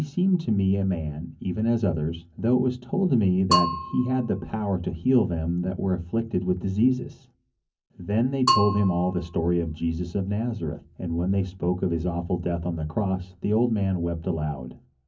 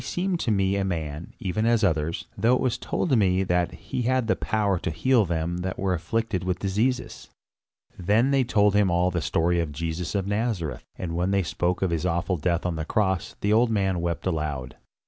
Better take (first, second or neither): second